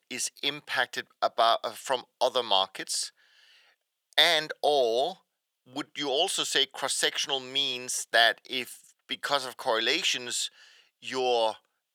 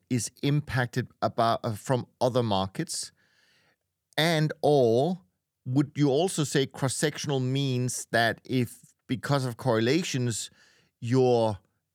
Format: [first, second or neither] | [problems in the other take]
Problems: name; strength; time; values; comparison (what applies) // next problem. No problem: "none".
second | thin; very; fading below 700 Hz